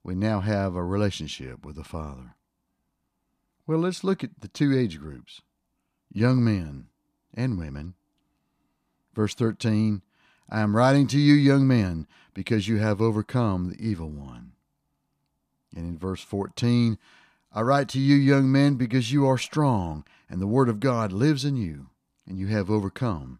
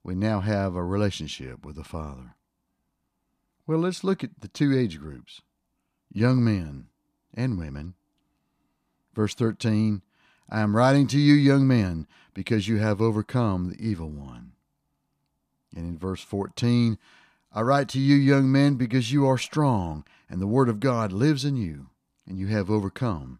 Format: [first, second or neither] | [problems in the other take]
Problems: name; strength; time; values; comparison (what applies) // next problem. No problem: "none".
neither | none